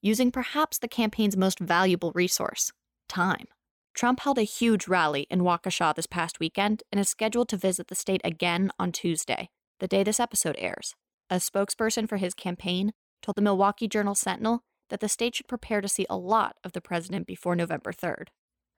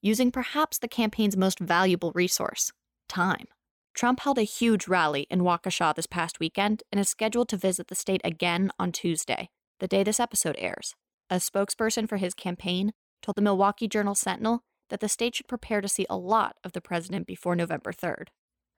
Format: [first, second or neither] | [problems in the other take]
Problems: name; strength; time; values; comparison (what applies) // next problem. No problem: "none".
neither | none